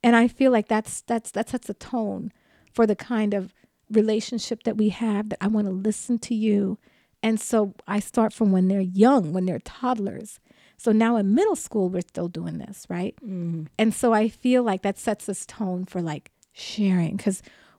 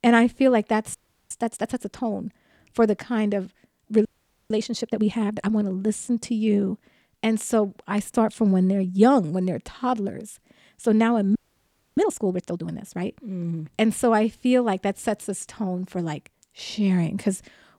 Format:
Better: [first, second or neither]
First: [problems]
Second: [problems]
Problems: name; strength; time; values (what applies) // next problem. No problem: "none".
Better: first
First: none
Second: audio freezing; at 1 s, at 4 s and at 11 s for 0.5 s